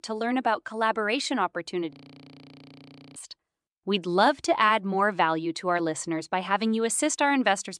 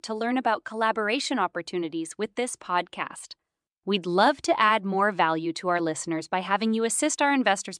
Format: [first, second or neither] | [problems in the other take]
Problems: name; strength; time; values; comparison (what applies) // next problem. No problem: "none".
second | audio freezing; at 2 s for 1 s